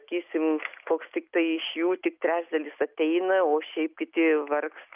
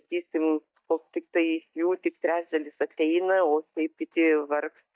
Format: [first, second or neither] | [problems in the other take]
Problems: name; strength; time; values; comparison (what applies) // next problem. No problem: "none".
first | noise reduction (neural mask model DeepFilterNet 3)